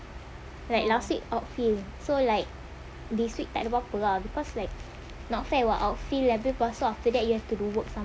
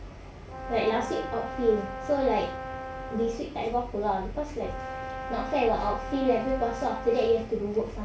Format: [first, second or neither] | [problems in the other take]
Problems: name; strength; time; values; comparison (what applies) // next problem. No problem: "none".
first | background sound (Brass instrument); 10 dB below the speech // room echo; dies away in 0.3 s